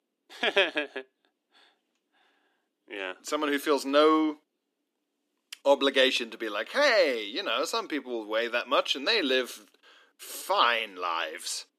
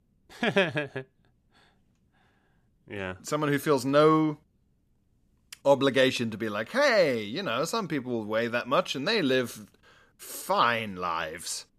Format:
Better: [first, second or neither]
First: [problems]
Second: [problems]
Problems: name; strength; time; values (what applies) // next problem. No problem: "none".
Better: second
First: thin; very slightly; fading below 300 Hz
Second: none